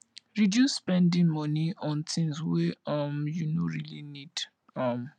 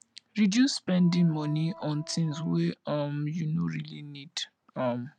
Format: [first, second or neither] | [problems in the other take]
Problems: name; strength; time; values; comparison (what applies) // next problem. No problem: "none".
first | background sound (Organ); 19 dB below the speech